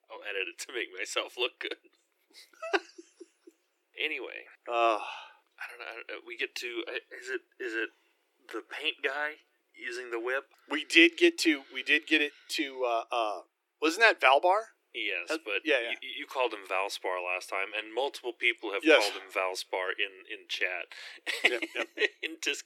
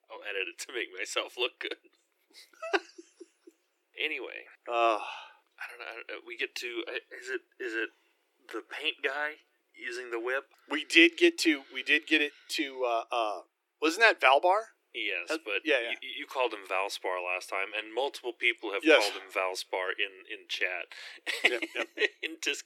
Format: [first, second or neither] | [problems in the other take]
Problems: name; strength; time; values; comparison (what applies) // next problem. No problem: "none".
neither | thin; very; fading below 300 Hz; the same in both